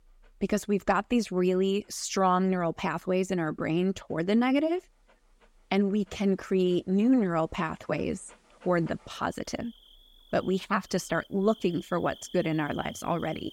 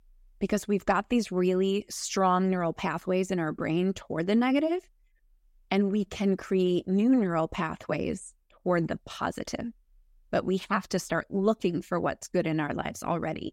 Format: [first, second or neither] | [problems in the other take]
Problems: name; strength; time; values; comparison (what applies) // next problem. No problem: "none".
second | animal sounds; faint; throughout; 25 dB below the speech